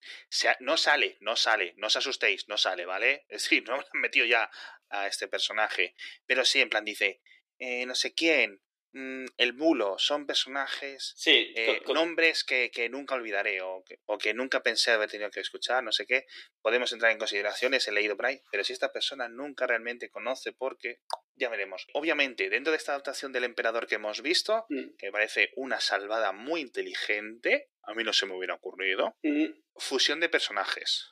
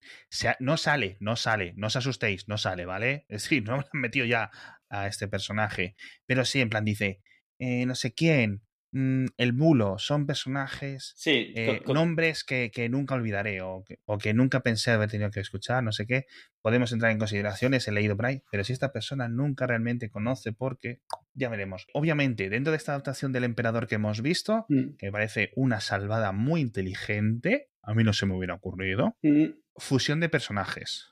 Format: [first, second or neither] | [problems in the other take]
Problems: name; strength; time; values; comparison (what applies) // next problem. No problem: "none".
second | thin; very; fading below 350 Hz